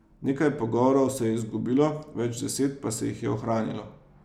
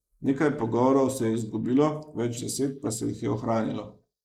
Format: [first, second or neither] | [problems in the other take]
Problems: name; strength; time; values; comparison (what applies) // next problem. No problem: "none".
first | noise reduction (neural mask model Resemble Enhance denoiser)